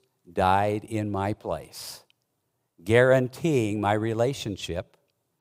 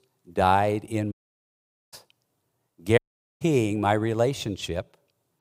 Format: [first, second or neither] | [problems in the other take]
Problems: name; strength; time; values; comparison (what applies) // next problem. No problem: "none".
first | audio cutting out; at 1 s for 1 s and at 3 s